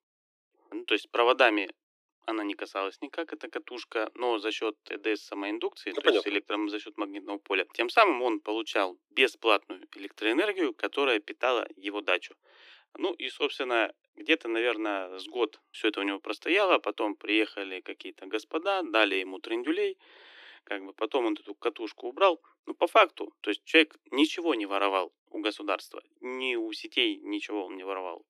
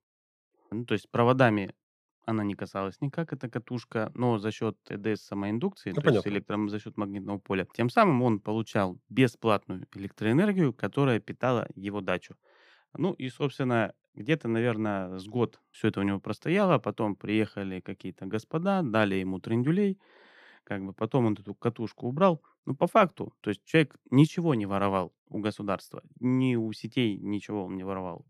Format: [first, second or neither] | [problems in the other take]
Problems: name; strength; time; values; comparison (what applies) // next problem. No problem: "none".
second | thin; very; fading below 300 Hz